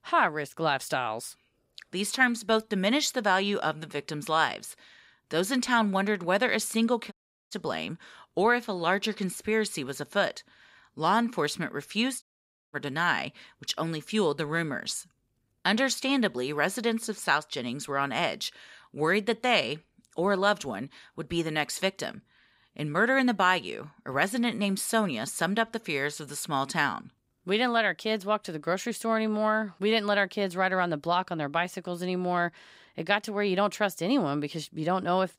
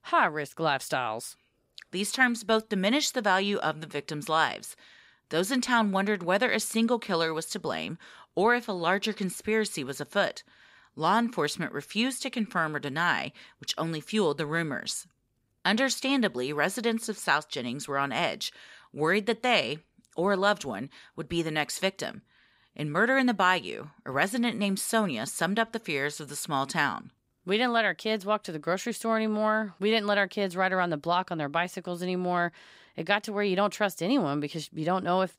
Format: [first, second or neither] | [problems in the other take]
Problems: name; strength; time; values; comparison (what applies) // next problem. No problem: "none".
second | audio cutting out; at 7 s and at 12 s for 0.5 s